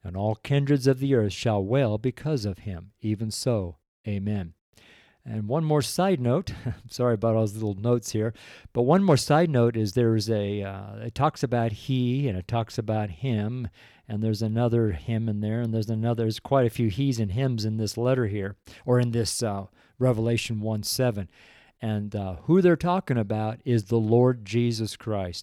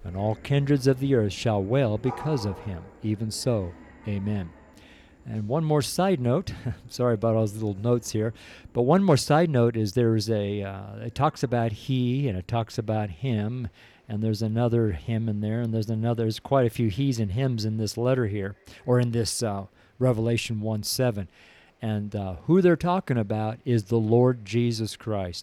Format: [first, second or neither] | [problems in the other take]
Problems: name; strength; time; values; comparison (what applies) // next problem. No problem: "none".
first | animal sounds; faint; throughout; 25 dB below the speech